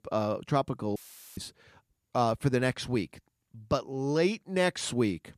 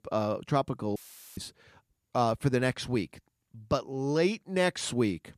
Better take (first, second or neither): neither